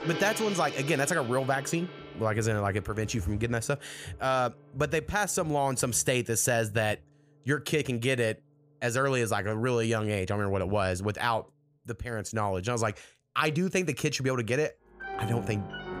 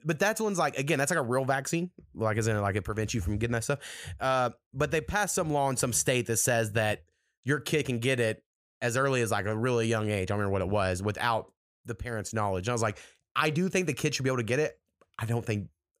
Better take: second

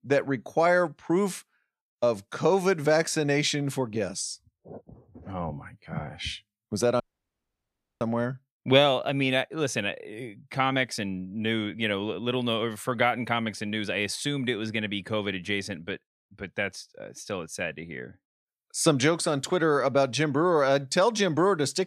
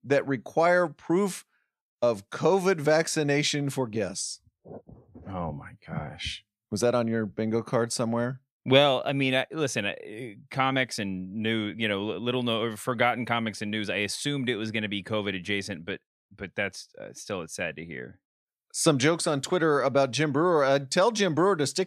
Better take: second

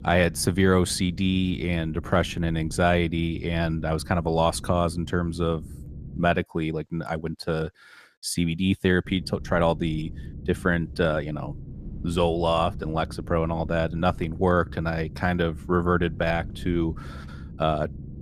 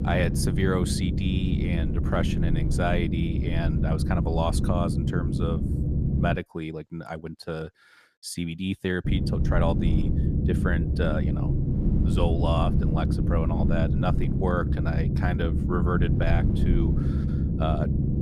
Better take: first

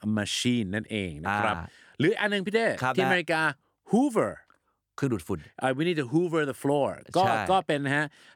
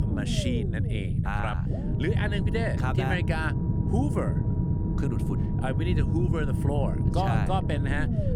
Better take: first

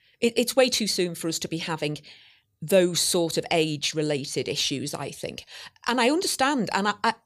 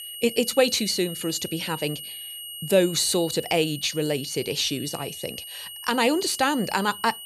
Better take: first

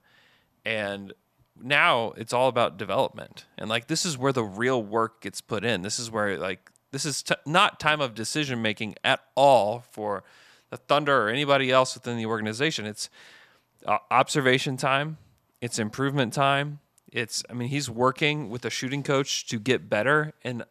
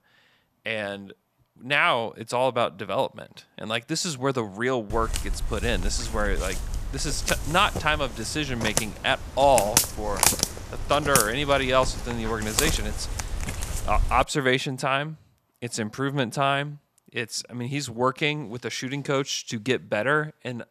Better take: first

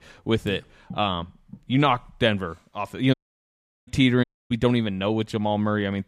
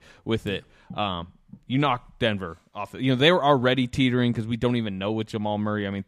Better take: second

